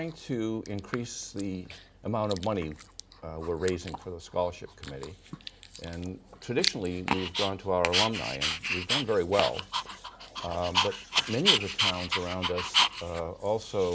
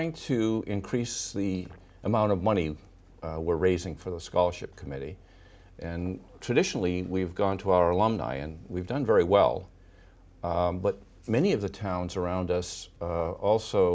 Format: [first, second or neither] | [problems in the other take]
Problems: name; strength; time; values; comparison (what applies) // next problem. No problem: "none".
second | background sound (Dog); 1 dB below the speech